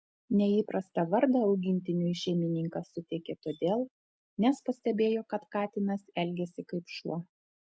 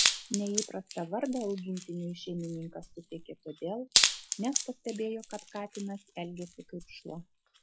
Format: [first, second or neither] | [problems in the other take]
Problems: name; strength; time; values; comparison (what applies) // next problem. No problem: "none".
first | noise reduction (classical method log-MMSE)